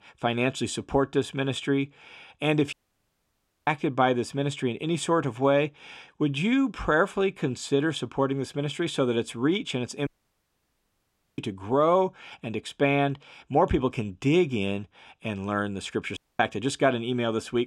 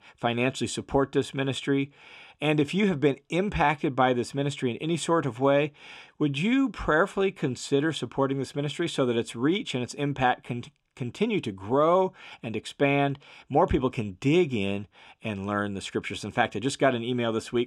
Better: second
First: audio cutting out; at 2.5 s for 1 s, at 10 s for 1.5 s and at 16 s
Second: none

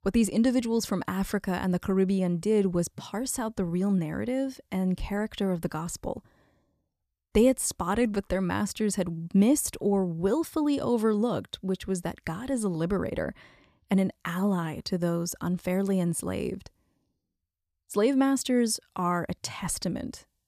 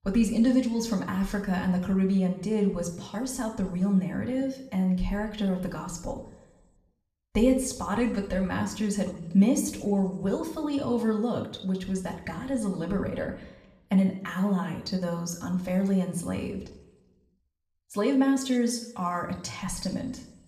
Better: first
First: none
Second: room echo; slight; dies away in 0.7 s // off-mic speech; somewhat distant

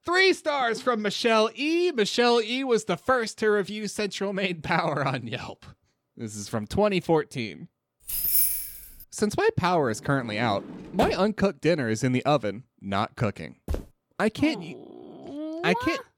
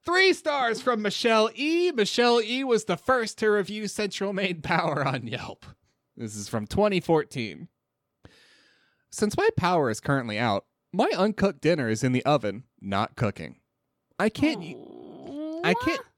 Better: second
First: jangling keys; loud; at 8 s; peak 6 dB above the speech // door banging; noticeable; at 10 s; peak 7 dB below the speech // footsteps; noticeable; at 14 s; peak 10 dB below the speech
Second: none

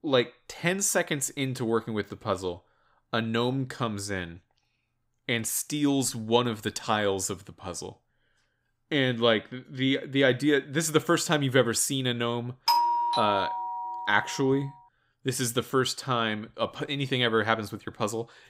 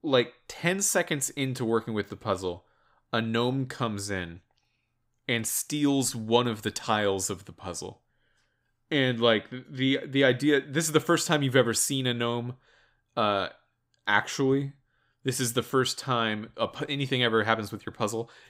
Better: second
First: doorbell; loud; from 13 to 14 s; peak 4 dB above the speech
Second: none

